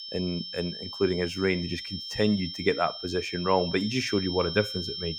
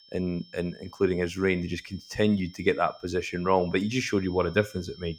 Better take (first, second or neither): second